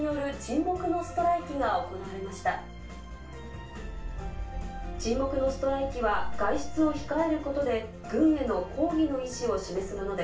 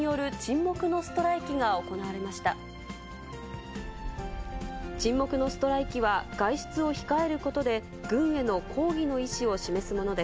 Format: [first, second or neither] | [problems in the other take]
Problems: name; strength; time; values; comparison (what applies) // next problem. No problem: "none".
second | room echo; dies away in 0.3 s